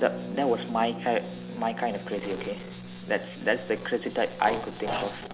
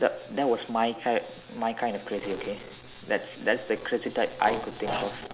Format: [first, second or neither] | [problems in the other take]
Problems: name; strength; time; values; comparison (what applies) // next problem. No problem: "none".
second | background sound (Harp); 12 dB below the speech